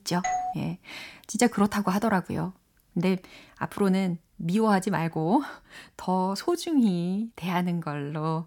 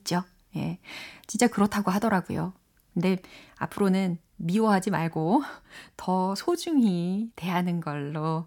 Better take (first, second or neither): second